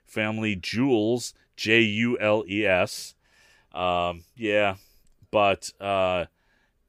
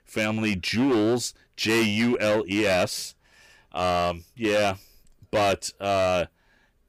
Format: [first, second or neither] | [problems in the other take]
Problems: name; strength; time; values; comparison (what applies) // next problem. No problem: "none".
first | distortion; heavy; 13% of the sound clipped